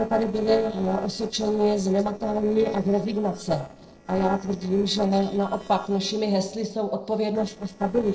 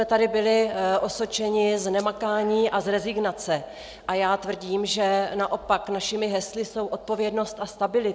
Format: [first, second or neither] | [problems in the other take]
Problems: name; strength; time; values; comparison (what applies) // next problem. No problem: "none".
second | noise reduction (neural separator model SepFormer DNS4)